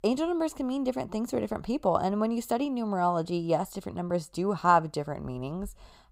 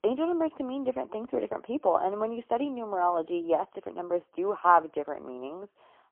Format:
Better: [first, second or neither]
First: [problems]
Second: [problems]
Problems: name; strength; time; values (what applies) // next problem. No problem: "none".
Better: first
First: none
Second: phone-call audio; poor line; nothing above 3.5 kHz